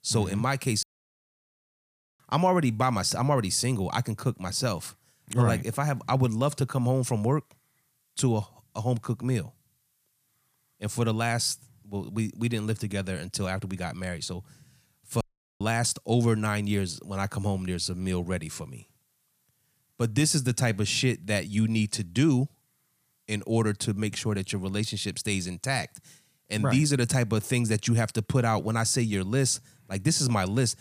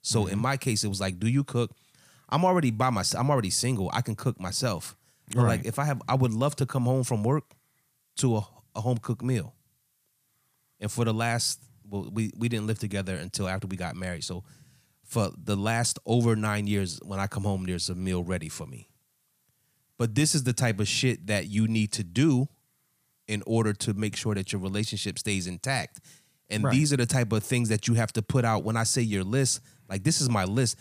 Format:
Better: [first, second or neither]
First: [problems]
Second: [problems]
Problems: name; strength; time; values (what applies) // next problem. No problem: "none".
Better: second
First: audio cutting out; at 1 s for 1.5 s and at 15 s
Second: none